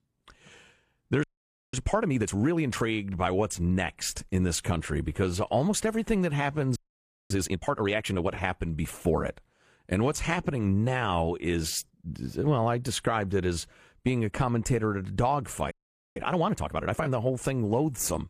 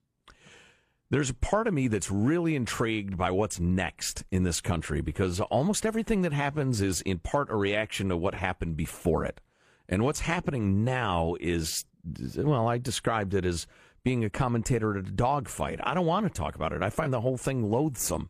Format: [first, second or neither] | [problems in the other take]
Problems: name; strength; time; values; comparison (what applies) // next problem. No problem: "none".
second | audio freezing; at 1 s, at 7 s for 0.5 s and at 16 s